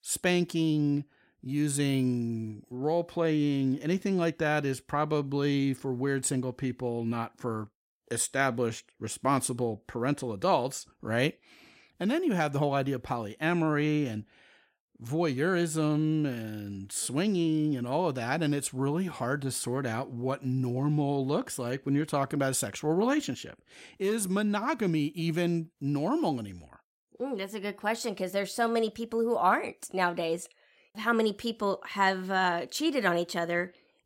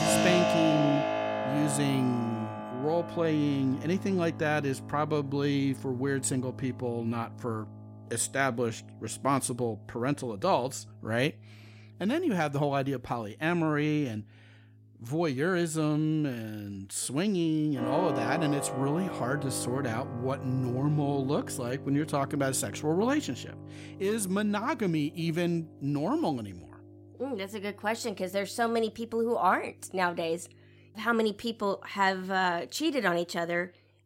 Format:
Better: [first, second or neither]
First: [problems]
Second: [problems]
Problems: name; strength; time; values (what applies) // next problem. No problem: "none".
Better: first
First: none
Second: background music; loud; throughout; 5 dB below the speech